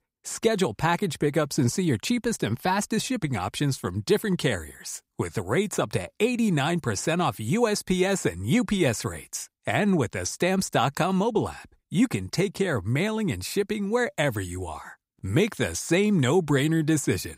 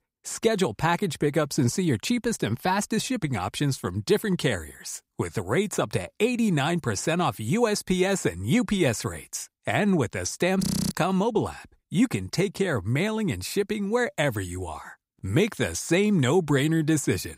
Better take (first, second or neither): first